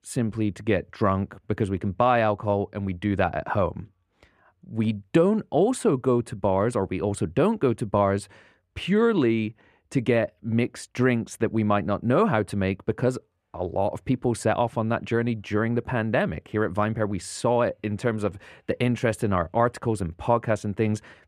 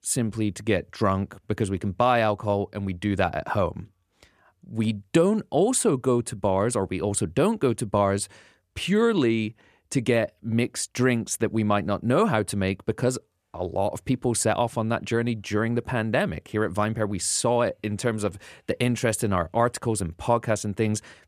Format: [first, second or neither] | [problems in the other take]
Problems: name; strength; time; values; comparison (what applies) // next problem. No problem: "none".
second | muffled; slightly; fading above 3.5 kHz